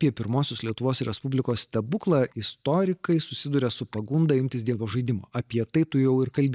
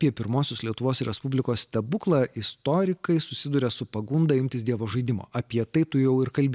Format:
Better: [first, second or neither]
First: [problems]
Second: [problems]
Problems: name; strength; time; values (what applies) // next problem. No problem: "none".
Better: second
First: noise reduction (neural mask model DeepFilterNet 3)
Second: none